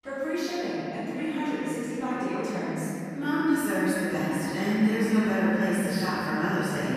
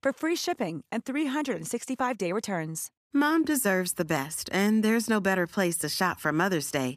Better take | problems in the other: second | room echo; strong; dies away in 3 s // off-mic speech; far

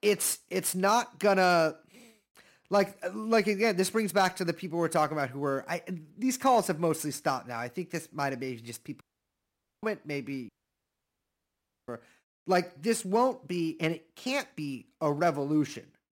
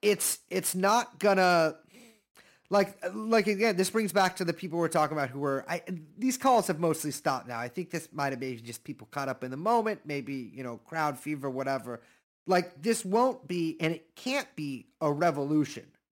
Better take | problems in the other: second | audio cutting out; at 9 s for 1 s and at 10 s for 1.5 s

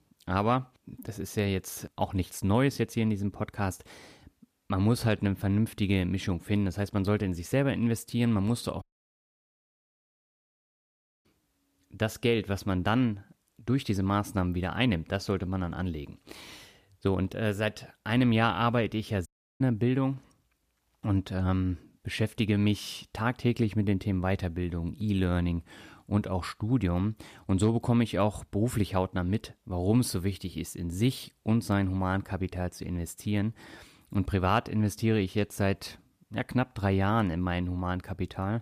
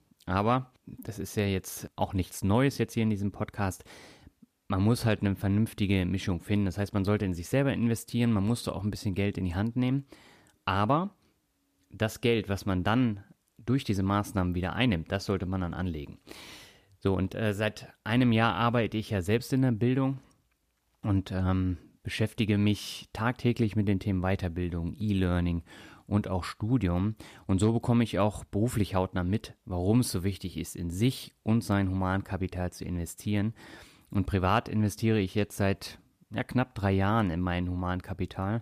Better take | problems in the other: second | audio cutting out; at 9 s for 2.5 s and at 19 s

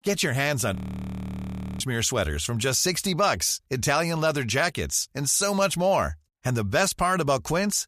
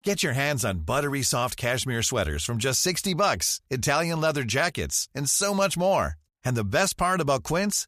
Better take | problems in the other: second | audio freezing; at 1 s for 1 s

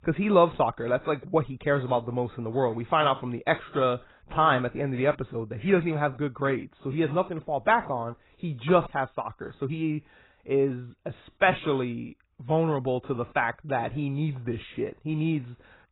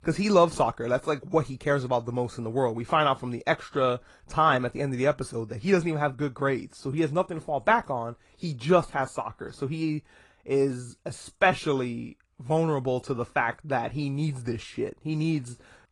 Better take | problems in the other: second | garbled, watery; badly; nothing above 4 kHz; slightly in the second

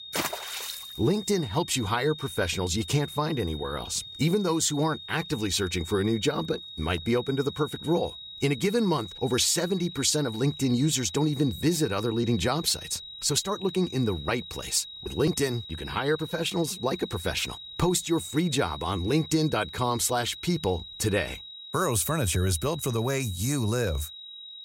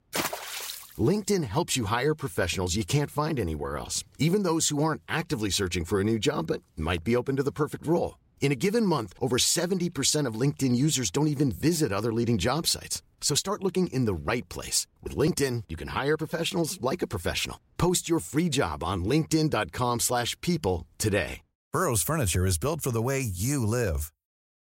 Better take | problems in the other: second | high-pitched whine; noticeable; throughout; 4 kHz, 10 dB below the speech

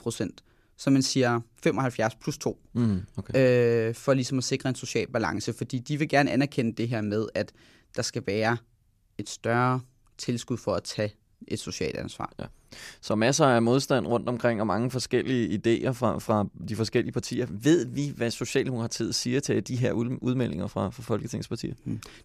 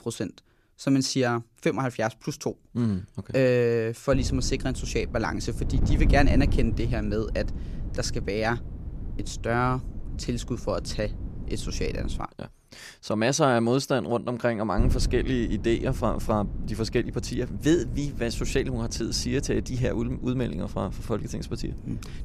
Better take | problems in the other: first | wind noise on the microphone; occasional gusts; from 4 to 12 s and from 15 s on; 15 dB below the speech

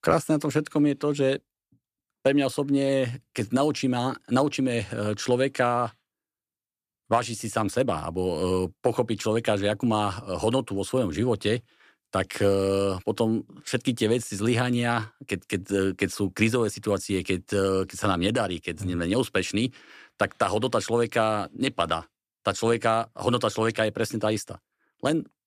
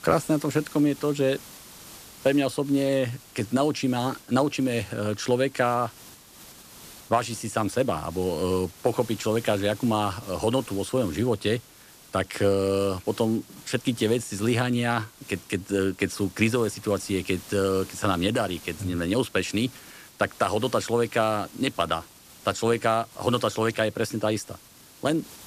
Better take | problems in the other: first | hiss; noticeable; throughout; 20 dB below the speech

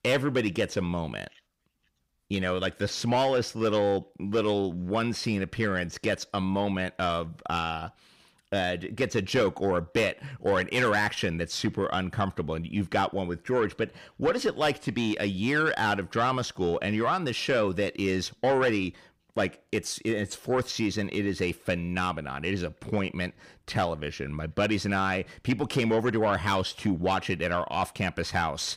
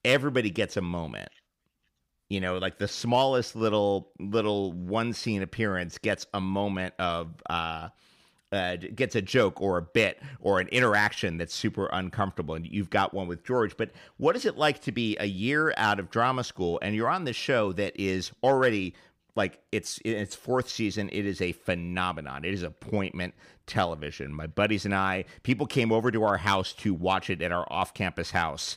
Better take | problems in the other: second | distortion; slight; 10 dB below the speech

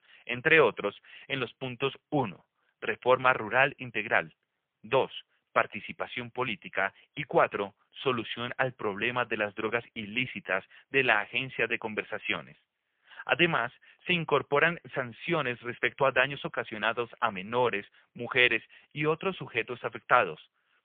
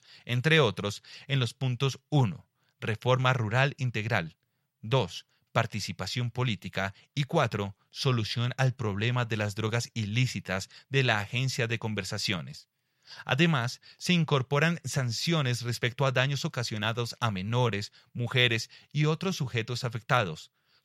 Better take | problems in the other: second | phone-call audio; poor line; nothing above 3.5 kHz

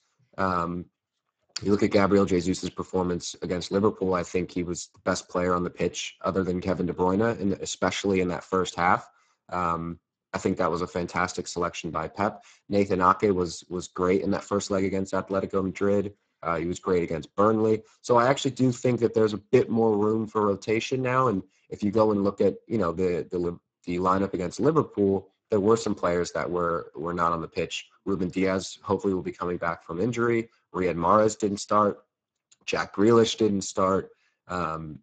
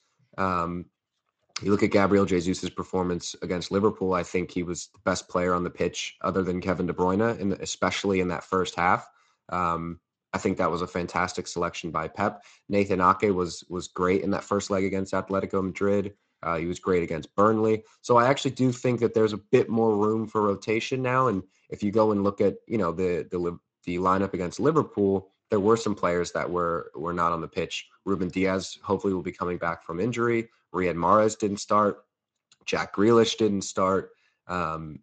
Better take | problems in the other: second | garbled, watery; badly; nothing above 7.5 kHz; slightly in the second

